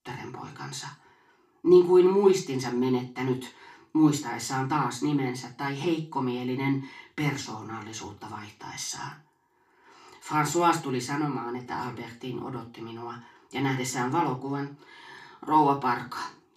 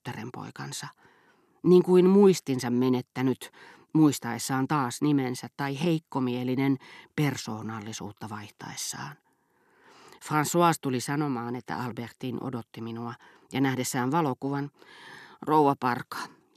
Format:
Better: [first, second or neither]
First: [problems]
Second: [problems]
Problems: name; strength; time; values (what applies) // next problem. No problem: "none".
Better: second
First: room echo; slight; dies away in 0.3 s // off-mic speech; far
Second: none